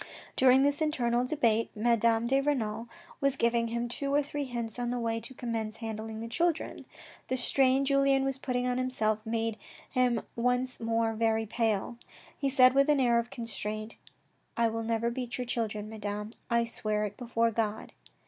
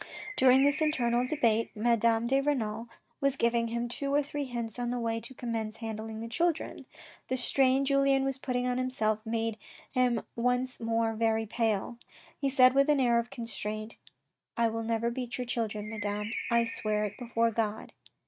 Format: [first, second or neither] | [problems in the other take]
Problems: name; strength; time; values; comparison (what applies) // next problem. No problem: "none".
first | noise reduction (neural mask model RNNoise)